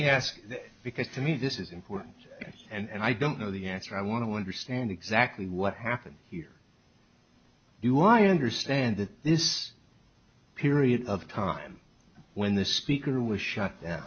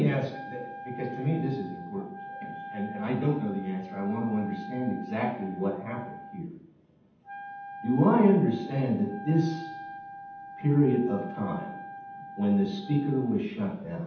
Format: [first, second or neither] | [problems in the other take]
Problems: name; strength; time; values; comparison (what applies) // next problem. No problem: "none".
first | background sound (Wind instrument, woodwind instrument); 14 dB below the speech // room echo; dies away in 0.8 s